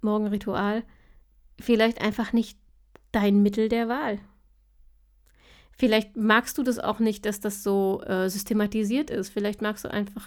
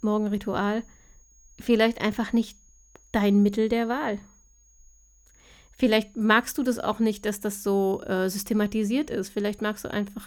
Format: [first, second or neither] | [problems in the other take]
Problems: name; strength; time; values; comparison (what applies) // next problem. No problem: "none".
first | high-pitched whine; faint; throughout; 6.5 kHz, 30 dB below the speech